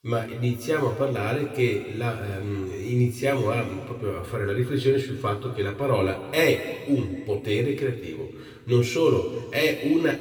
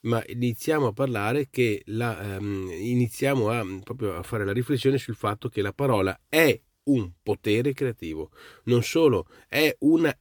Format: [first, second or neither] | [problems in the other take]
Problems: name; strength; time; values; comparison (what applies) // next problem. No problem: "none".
second | room echo; slight; dies away in 1.9 s // off-mic speech; somewhat distant